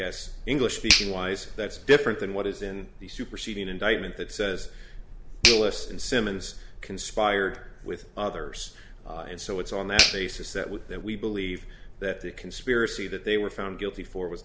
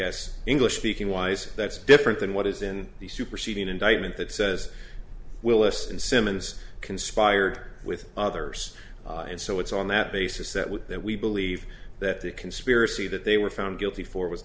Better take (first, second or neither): second